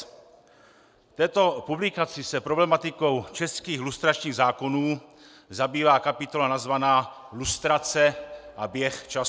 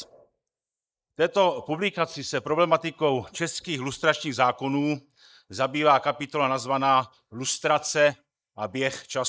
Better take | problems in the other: first | noise reduction (neural mask model Resemble Enhance denoiser)

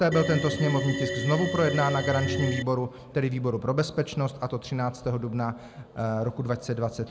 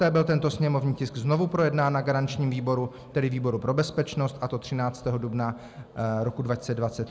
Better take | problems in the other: second | background sound (Organ); 4 dB below the speech

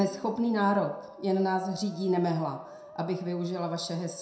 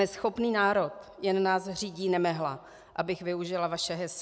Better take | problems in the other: second | background sound (Musical instrument); 19 dB below the speech // room echo; dies away in 0.5 s

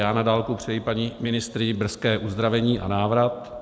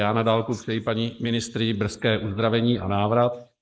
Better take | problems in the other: first | noise reduction (neural mask model Resemble Enhance denoiser)

